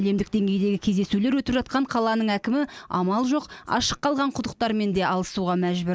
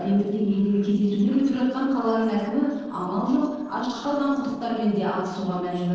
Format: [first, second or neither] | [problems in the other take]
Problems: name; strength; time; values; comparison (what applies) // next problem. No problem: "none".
first | noise reduction (neural separator model SepFormer DNS4)